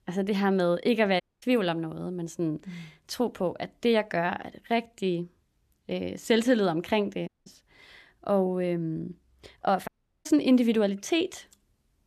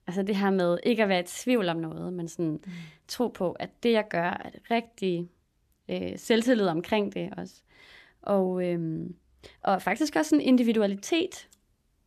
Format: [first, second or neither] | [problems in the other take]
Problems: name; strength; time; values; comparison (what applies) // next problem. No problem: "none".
second | audio cutting out; at 1 s, at 7.5 s and at 10 s